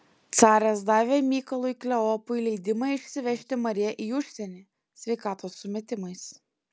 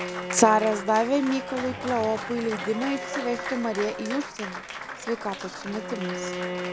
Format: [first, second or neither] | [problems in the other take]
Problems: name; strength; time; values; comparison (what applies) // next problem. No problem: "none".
first | background sound (Applause + Bowed string instrument); 7 dB below the speech